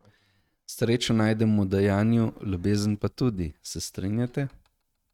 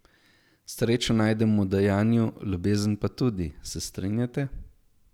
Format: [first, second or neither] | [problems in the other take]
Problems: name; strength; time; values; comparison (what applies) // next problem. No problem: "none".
second | noise reduction (neural mask model RNNoise)